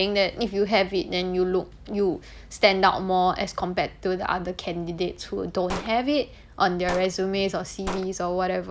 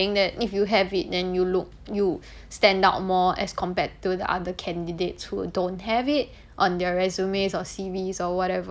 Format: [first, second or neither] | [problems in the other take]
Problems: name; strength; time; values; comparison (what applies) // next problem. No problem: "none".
second | background sound (Gunshot, gunfire); 13 dB below the speech